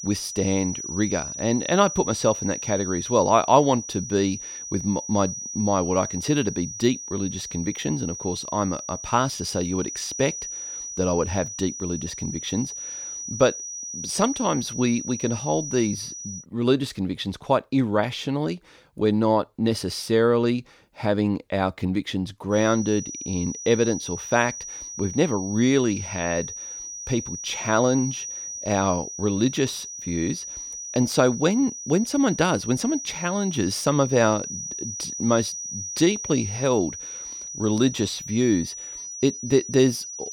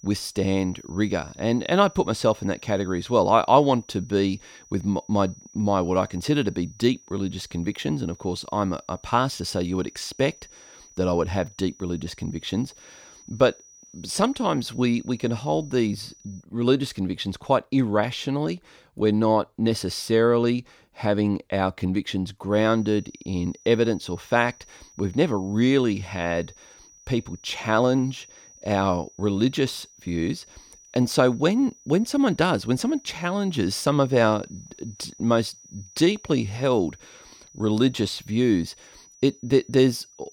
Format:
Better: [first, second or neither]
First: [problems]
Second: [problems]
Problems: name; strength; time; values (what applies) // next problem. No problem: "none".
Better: second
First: high-pitched whine; loud; until 16 s and from 23 s on; 6 kHz, 8 dB below the speech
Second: high-pitched whine; faint; until 16 s and from 23 s on; 6 kHz, 25 dB below the speech